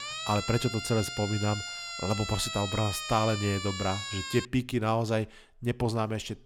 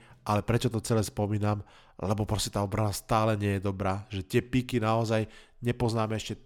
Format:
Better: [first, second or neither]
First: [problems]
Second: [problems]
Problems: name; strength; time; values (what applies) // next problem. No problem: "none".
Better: second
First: siren; noticeable; until 4.5 s; peak 4 dB below the speech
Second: none